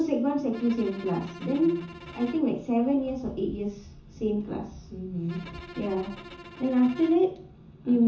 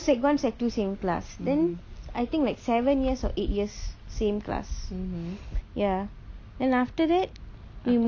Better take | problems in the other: second | background sound (Bowed string instrument); 18 dB below the speech // room echo; dies away in 0.6 s

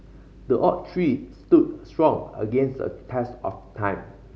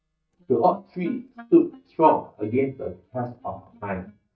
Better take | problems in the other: first | noise reduction (neural mask model DeepFilterNet 3)

